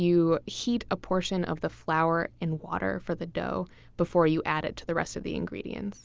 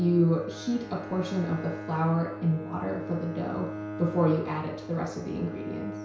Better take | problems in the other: first | background sound (Bowed string instrument); 10 dB below the speech // room echo; dies away in 0.6 s

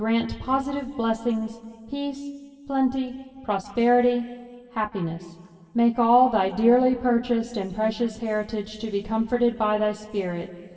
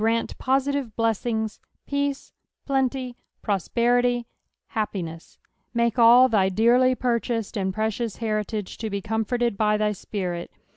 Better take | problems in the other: second | room echo; dies away in 2.1 s

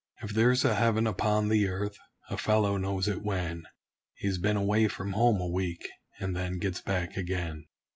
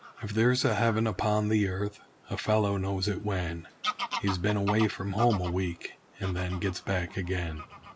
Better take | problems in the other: first | background sound (Bird vocalization, bird call, bird song / Fowl); 13 dB below the speech

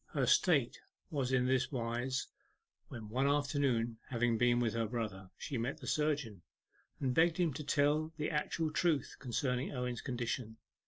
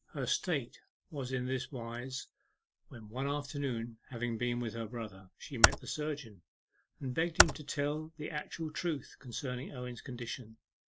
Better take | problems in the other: first | background sound (Computer keyboard); 5 dB above the speech

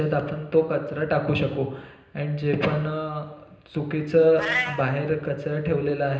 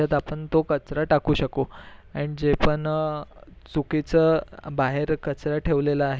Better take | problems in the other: second | background sound (Meow); 13 dB below the speech // room echo; dies away in 0.9 s

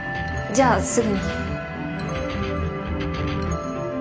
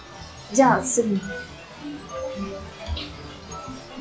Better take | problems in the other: first | noise reduction (classical method log-MMSE)

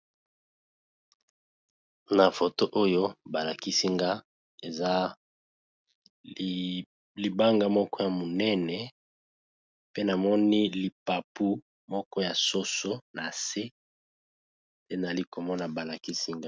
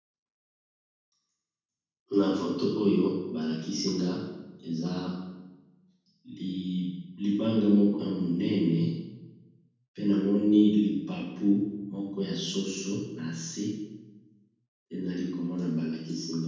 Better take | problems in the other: first | room echo; dies away in 1.1 s

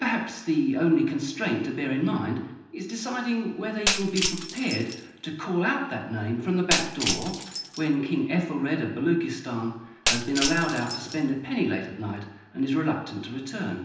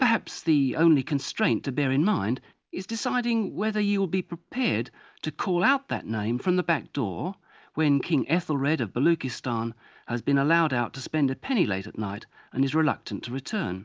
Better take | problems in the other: second | background sound (Shatter); 5 dB below the speech // room echo; dies away in 0.9 s

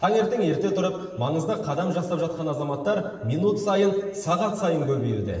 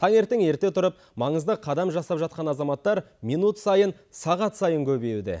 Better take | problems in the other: second | room echo; dies away in 1.3 s

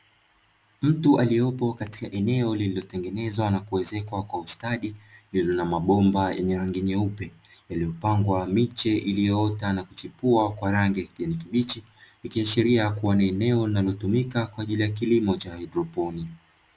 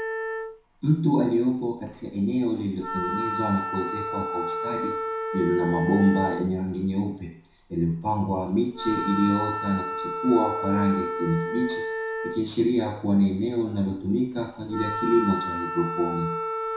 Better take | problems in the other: first | background sound (Wind instrument, woodwind instrument); 6 dB below the speech // room echo; dies away in 0.6 s

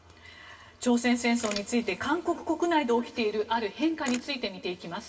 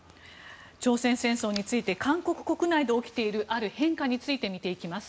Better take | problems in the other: second | background sound (Camera); 17 dB below the speech // room echo; dies away in 2.5 s

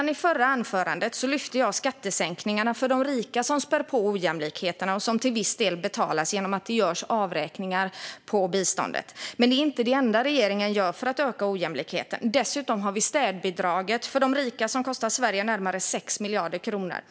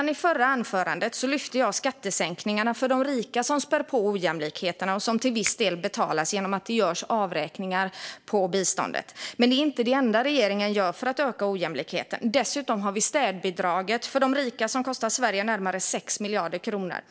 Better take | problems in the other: first | noise reduction (neural separator model SepFormer DNS4)

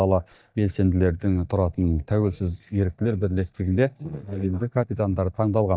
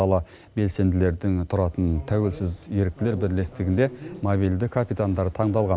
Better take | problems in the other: second | noise reduction (neural mask model DeepFilterNet 3)

